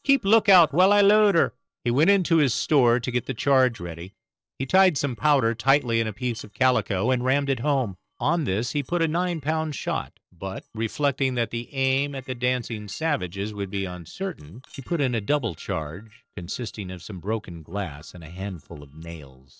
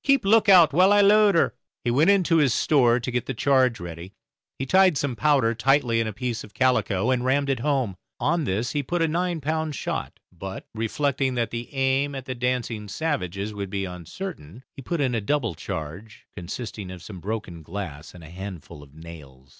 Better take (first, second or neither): second